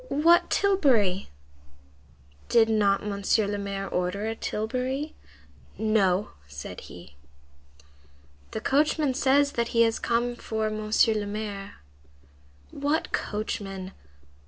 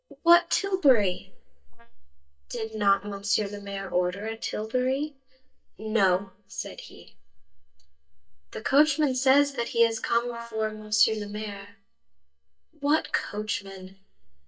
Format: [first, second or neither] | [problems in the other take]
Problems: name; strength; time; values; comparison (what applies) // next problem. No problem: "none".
first | noise reduction (neural mask model DeepFilterNet 3)